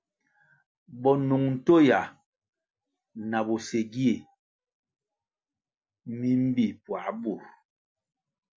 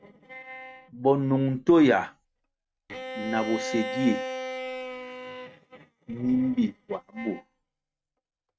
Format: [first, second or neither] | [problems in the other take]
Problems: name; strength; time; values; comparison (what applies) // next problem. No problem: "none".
first | noise reduction (neural mask model RNNoise)